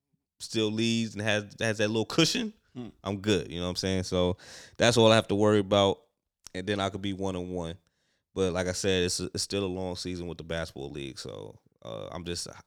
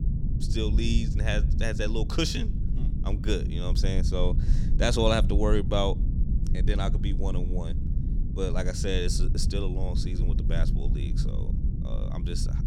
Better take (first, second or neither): first